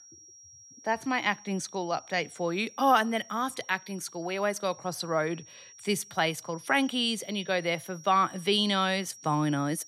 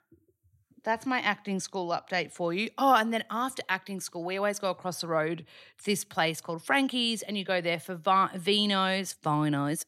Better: second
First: high-pitched whine; faint; throughout; 5.5 kHz, 20 dB below the speech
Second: none

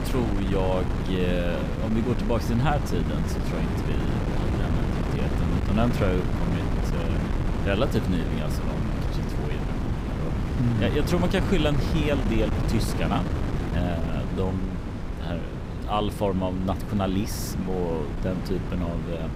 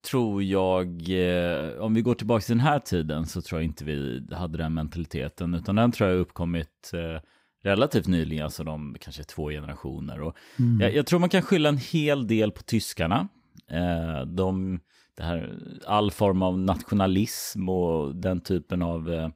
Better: second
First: wind noise on the microphone; heavy; 4 dB below the speech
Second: none

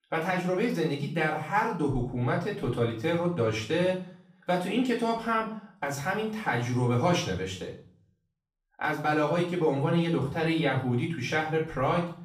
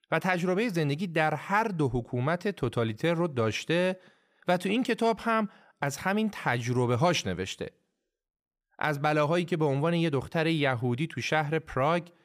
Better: second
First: off-mic speech; far // room echo; slight; dies away in 0.5 s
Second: none

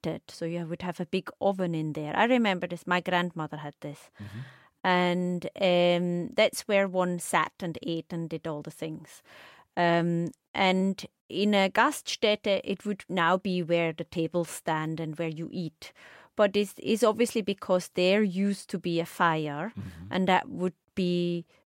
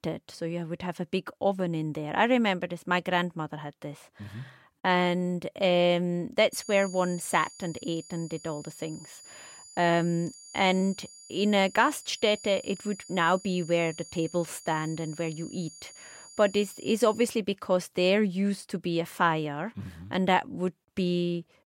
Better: first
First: none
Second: high-pitched whine; noticeable; from 6.5 to 17 s; 7 kHz, 20 dB below the speech

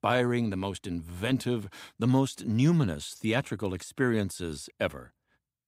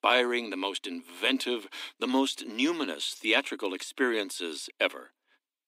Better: first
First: none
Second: thin; somewhat; fading below 250 Hz

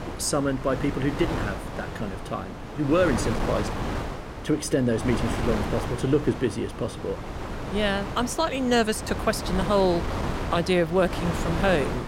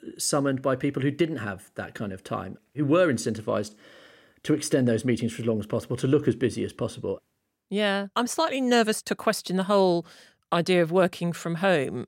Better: second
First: wind noise on the microphone; heavy; 7 dB below the speech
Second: none

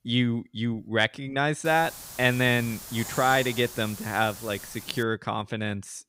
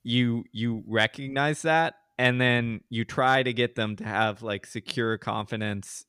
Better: second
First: hiss; noticeable; from 1.5 to 5 s; 10 dB below the speech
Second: none

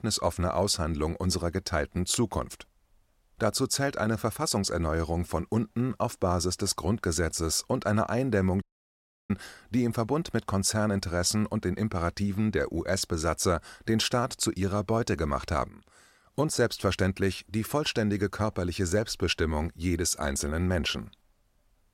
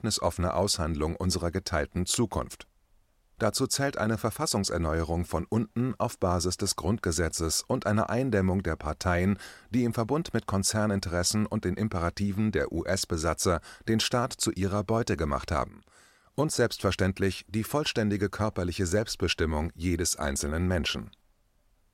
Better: second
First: audio cutting out; at 8.5 s for 0.5 s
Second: none

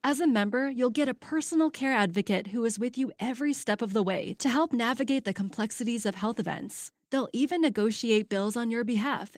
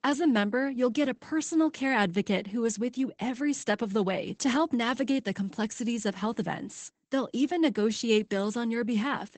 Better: first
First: garbled, watery; slightly; nothing above 16 kHz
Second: garbled, watery; badly; nothing above 8 kHz

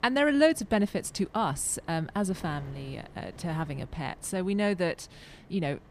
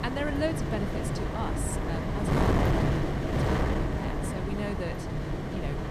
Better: first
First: wind noise on the microphone; occasional gusts; 25 dB below the speech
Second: wind noise on the microphone; heavy; 4 dB above the speech

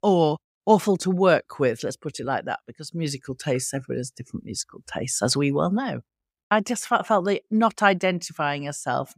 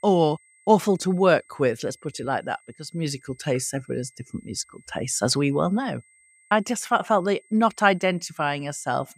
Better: first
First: none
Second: high-pitched whine; faint; throughout; 2 kHz, 30 dB below the speech

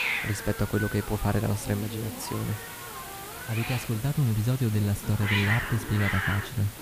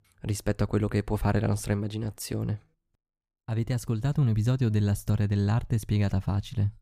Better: second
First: hiss; loud; throughout; 5 dB below the speech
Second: none

